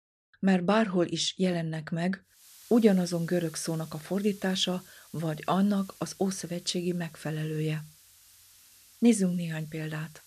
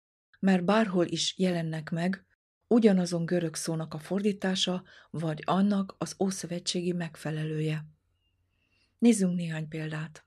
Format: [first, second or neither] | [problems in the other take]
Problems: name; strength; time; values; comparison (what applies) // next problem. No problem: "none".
second | hiss; faint; from 2.5 s on; 25 dB below the speech